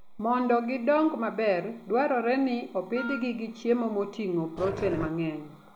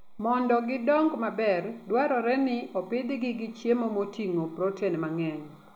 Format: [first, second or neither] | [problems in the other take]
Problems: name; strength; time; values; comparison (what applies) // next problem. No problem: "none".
second | background sound (Wind instrument, woodwind instrument + Growling); 11 dB below the speech